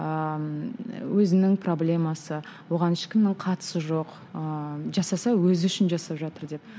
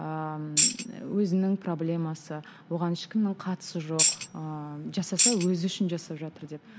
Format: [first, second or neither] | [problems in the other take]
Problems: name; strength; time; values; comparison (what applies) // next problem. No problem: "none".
first | background sound (Tambourine); 2 dB above the speech